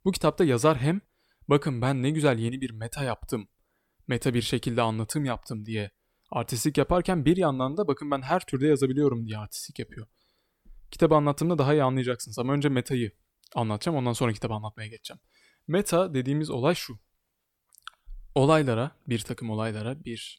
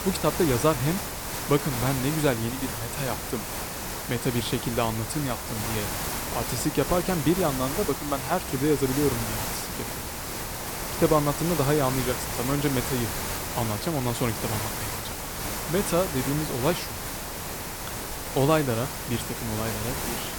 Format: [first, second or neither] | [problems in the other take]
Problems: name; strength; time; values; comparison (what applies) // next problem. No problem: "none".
first | hiss; loud; throughout; 3 dB below the speech